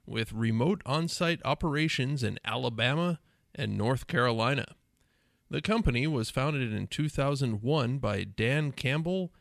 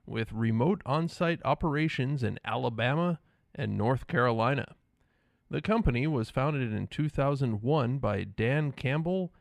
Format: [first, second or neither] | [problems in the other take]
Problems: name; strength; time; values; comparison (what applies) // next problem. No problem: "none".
first | muffled; slightly; fading above 3 kHz